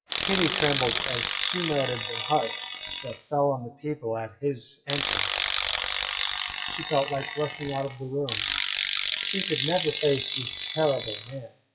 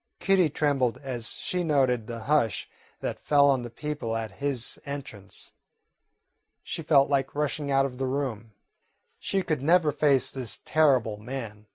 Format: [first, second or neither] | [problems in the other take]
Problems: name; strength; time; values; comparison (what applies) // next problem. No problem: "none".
second | noise reduction (classical method WPE with log-MMSE)